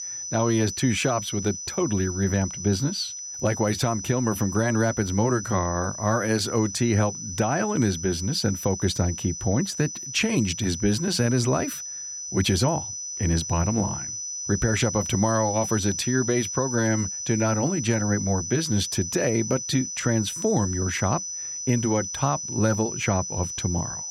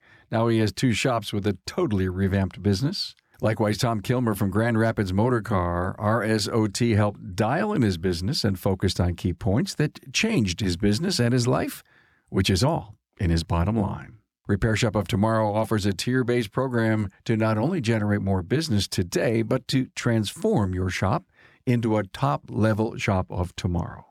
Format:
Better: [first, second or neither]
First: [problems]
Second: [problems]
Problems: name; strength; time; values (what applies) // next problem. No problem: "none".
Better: second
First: high-pitched whine; loud; throughout; 6 kHz, 6 dB below the speech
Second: none